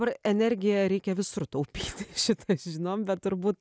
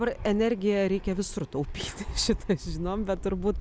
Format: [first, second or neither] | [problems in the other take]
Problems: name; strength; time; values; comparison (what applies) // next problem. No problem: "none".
first | background sound (Fixed-wing aircraft, airplane); 9 dB below the speech